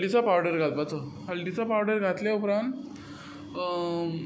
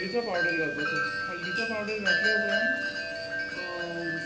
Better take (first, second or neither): first